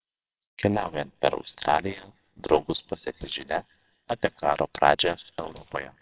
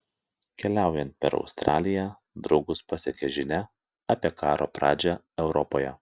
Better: second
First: noise reduction (neural separator model SepFormer WHAMR!)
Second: none

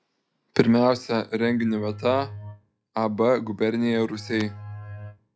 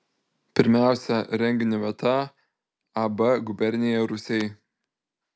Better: second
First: noise reduction (classical method log-MMSE)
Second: none

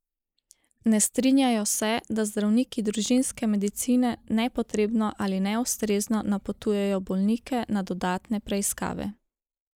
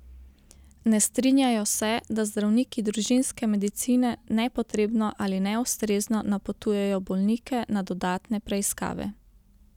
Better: second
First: noise reduction (neural mask model Resemble Enhance denoiser)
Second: none

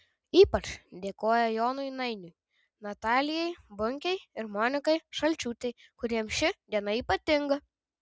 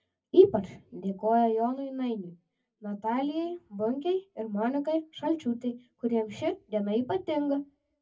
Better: first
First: none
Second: room echo; dies away in 0.3 s

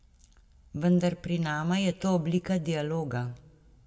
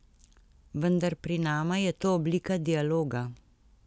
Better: second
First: room echo; dies away in 0.5 s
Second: none

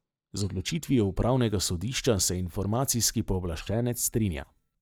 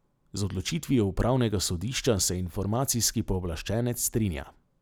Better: second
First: noise reduction (neural mask model DeepFilterNet 3)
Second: none

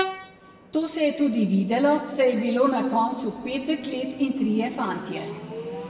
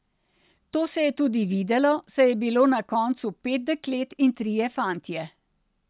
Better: second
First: background sound (Train); 13 dB below the speech // room echo; dies away in 1.6 s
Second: none

